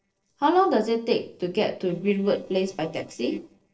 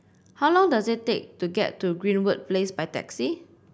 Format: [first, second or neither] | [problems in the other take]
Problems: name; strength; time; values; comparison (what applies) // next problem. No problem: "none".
second | noise reduction (neural separator model SepFormer DNS4)